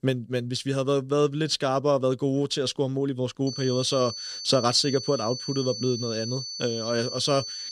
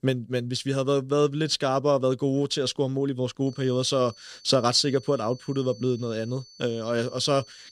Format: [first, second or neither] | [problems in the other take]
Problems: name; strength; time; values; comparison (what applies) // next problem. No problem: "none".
second | high-pitched whine; loud; from 3.5 s on; 4.5 kHz, 7 dB below the speech; faint in the second